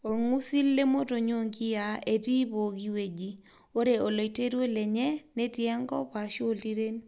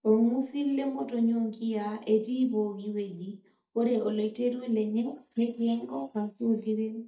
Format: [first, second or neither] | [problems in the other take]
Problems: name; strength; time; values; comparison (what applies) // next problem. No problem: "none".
first | noise reduction (neural mask model DeepFilterNet 3)